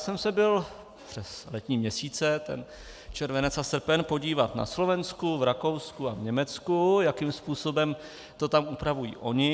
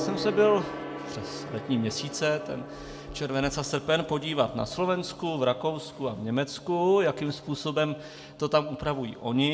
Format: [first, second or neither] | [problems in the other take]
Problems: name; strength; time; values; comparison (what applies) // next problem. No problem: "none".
first | background sound (Gong); 13 dB below the speech // room echo; dies away in 0.4 s